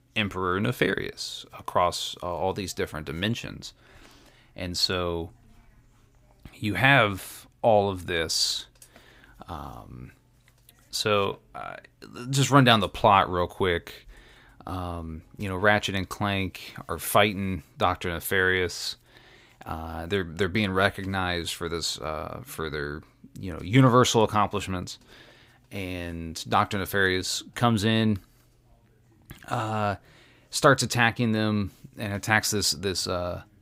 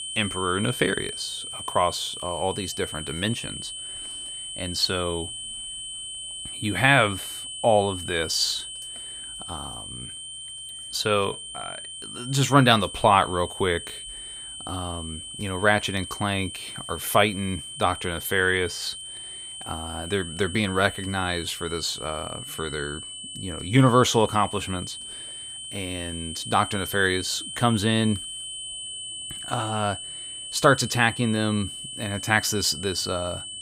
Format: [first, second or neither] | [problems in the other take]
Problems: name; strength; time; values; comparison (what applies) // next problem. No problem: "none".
first | high-pitched whine; loud; throughout; 3 kHz, 9 dB below the speech